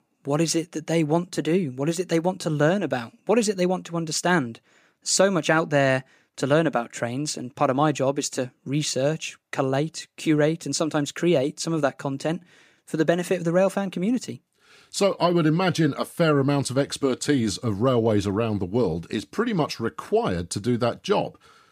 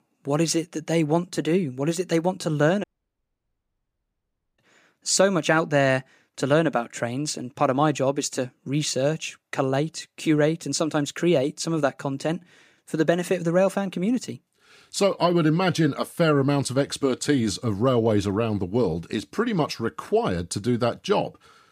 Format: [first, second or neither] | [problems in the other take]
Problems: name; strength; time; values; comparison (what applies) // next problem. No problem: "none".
first | audio cutting out; at 3 s for 1.5 s